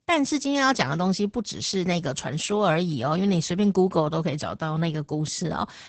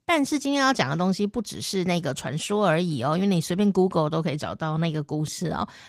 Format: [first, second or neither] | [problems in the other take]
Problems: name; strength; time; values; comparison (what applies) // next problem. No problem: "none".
second | garbled, watery; badly; nothing above 8 kHz; slightly in the second